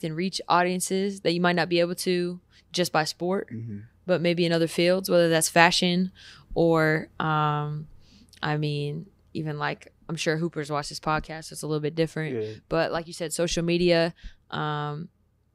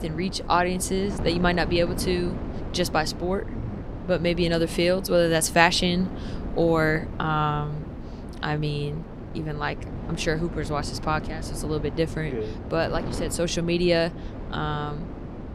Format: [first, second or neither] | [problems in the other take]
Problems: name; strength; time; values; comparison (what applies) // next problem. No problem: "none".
first | wind noise on the microphone; occasional gusts; 15 dB below the speech